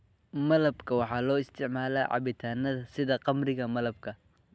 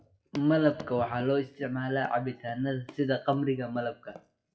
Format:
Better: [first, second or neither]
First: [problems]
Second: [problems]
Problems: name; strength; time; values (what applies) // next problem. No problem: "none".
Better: first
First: none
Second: noise reduction (classical method WPE with log-MMSE)